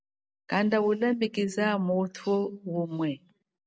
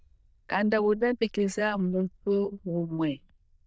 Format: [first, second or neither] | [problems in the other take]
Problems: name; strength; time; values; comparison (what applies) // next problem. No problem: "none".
first | noise reduction (neural diffusion model UNIVERSE++)